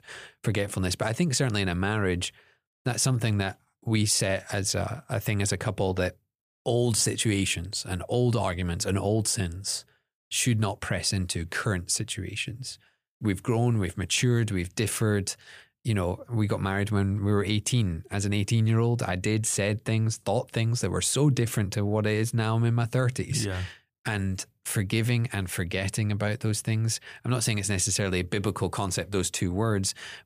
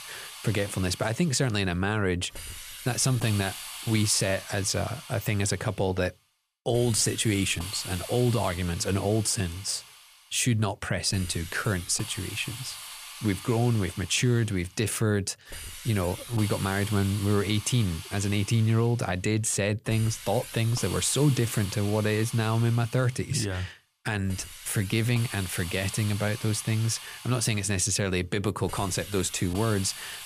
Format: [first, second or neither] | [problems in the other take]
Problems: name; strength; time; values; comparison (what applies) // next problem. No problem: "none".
first | hiss; noticeable; throughout; 10 dB below the speech